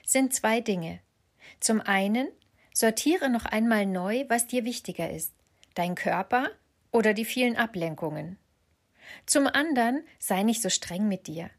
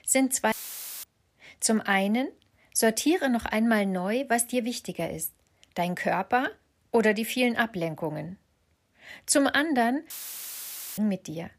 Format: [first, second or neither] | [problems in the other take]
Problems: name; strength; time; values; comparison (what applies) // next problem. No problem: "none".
first | audio cutting out; filled with static; at 0.5 s for 0.5 s and at 10 s for 1 s